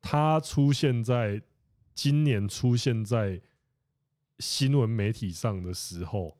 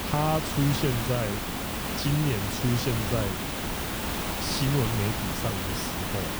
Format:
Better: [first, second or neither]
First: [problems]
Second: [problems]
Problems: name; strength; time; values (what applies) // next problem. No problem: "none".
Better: first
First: none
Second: hiss; loud; throughout; 1 dB below the speech